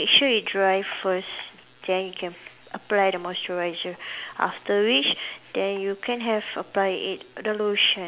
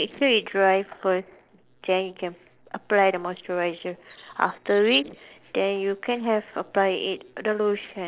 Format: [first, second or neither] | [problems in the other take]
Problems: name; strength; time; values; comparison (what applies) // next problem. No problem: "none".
first | noise reduction (neural separator model SepFormer DNS4)